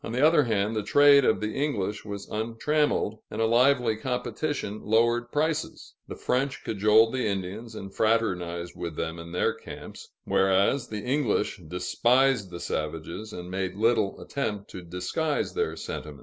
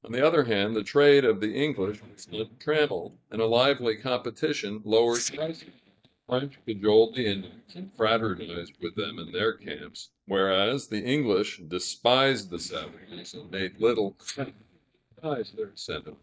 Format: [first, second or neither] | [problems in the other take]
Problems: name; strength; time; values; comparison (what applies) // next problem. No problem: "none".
first | noise reduction (neural mask model DeepFilterNet 3)